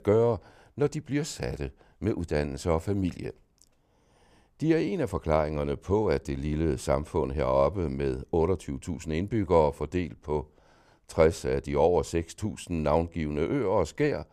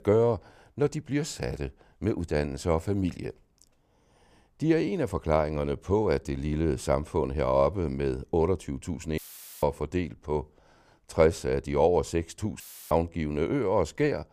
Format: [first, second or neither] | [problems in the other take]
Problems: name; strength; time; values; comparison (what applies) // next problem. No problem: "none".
first | audio cutting out; filled with static; at 9 s and at 13 s